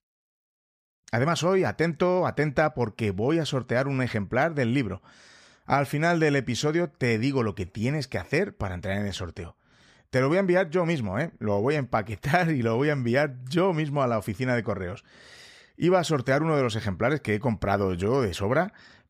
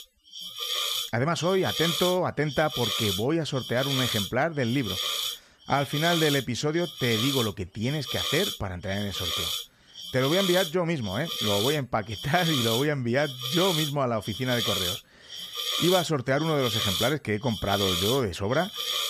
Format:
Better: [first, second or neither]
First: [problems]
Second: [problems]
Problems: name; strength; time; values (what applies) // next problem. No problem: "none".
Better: first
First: none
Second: hiss; loud; throughout; 2 dB below the speech